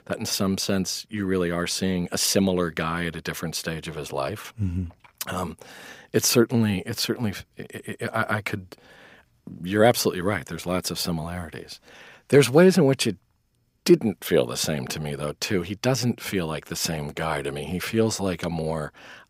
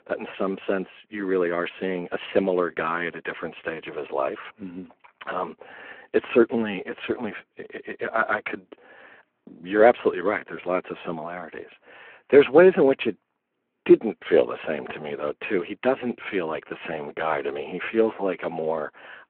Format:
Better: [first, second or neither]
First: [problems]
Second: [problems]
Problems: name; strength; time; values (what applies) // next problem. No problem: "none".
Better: first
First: none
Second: phone-call audio